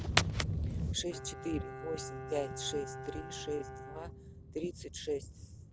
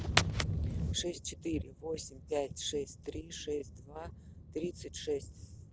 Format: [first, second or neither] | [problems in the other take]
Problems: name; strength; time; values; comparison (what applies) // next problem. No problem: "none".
second | background sound (Bowed string instrument); 10 dB below the speech